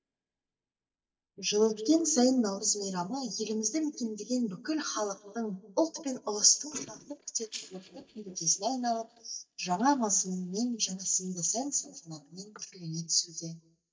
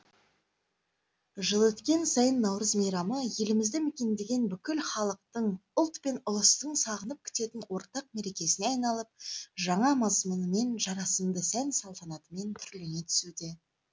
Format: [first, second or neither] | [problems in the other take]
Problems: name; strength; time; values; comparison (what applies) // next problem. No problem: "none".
second | noise reduction (neural mask model DeepFilterNet 3)